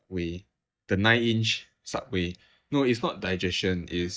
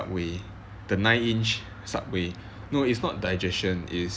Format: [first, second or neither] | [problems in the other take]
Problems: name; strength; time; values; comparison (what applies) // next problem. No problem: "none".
second | noise reduction (neural mask model DeepFilterNet 3)